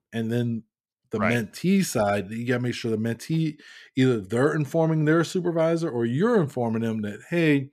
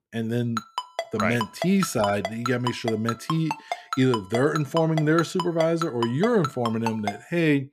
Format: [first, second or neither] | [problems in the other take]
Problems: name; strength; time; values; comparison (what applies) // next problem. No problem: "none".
first | phone ringing; noticeable; from 0.5 to 7 s; peak 7 dB below the speech